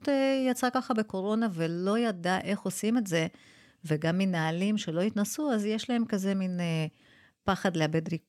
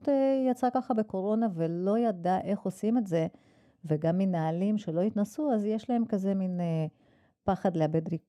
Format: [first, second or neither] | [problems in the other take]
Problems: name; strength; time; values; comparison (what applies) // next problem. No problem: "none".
first | muffled; very; fading above 1 kHz